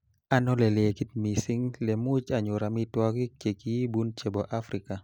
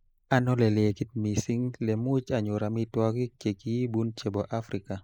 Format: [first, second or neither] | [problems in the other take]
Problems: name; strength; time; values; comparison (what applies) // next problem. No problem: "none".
first | noise reduction (neural mask model Resemble Enhance denoiser)